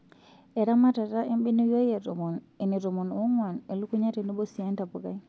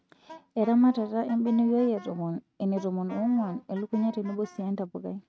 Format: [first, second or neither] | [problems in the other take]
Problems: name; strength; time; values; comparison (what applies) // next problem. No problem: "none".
first | noise reduction (neural mask model RNNoise)